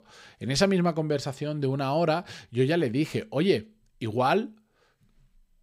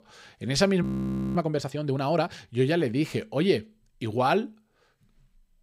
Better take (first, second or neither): first